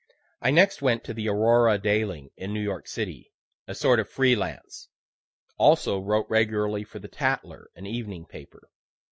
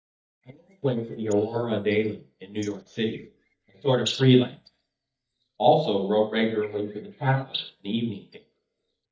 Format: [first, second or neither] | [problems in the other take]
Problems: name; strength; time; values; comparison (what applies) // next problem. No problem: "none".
first | noise reduction (neural mask model DeepFilterNet 3)